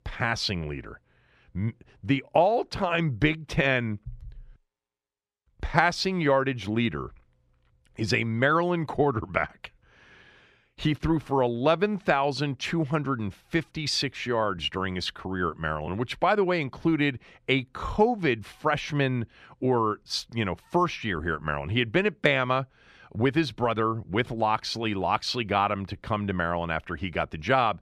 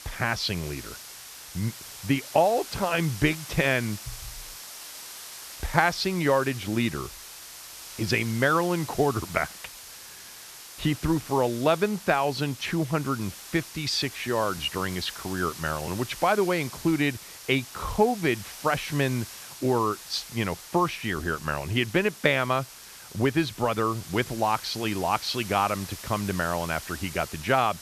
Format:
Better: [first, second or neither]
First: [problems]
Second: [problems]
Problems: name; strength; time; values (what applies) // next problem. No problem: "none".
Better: first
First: none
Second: hiss; noticeable; throughout; 15 dB below the speech